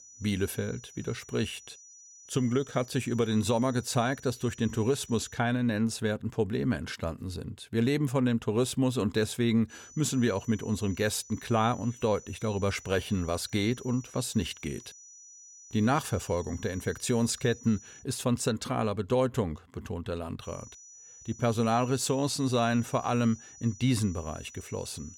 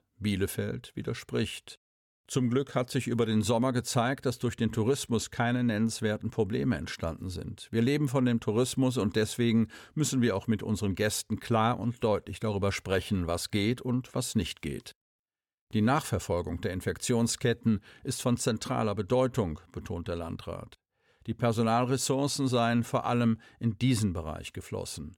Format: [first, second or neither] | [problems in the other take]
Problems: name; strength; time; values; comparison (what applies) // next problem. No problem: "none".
second | high-pitched whine; noticeable; until 5.5 s, from 9.5 to 18 s and from 20 s on; 6 kHz, 20 dB below the speech